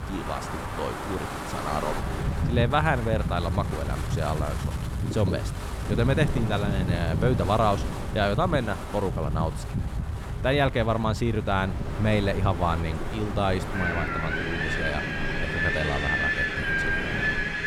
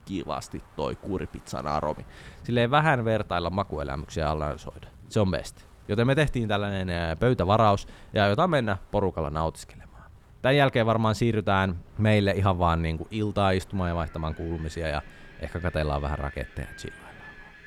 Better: second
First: wind in the background; loud; throughout; 1 dB below the speech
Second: wind in the background; faint; throughout; 25 dB below the speech

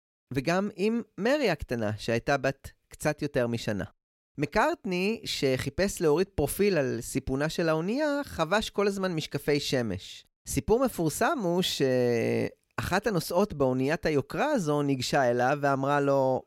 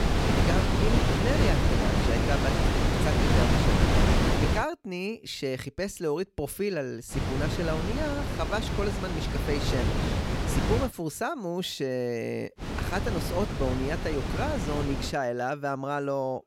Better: first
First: none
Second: wind noise on the microphone; heavy; until 4.5 s, from 7 to 11 s and from 13 to 15 s; 2 dB above the speech

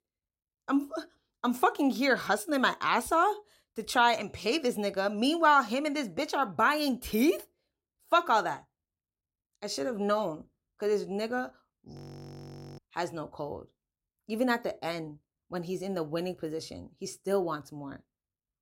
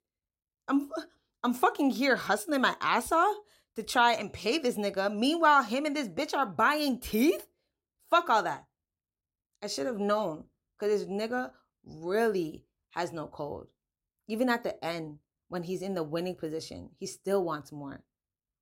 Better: second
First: audio freezing; at 12 s for 1 s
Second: none

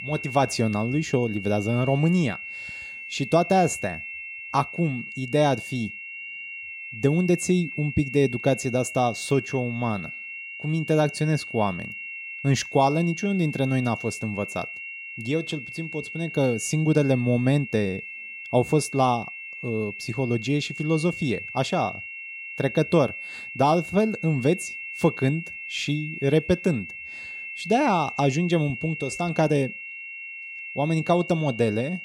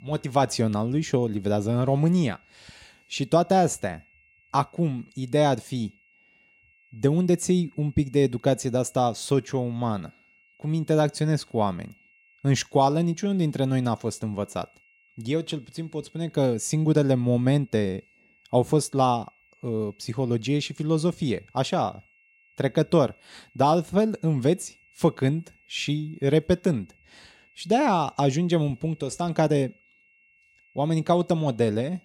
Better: second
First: high-pitched whine; loud; throughout; 2.5 kHz, 10 dB below the speech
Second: high-pitched whine; faint; throughout; 2.5 kHz, 35 dB below the speech

